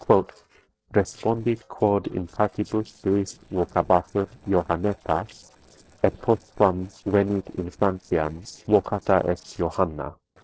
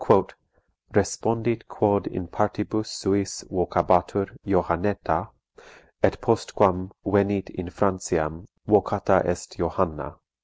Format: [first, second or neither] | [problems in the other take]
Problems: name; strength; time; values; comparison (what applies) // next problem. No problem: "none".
second | noise reduction (neural separator model SepFormer DNS4)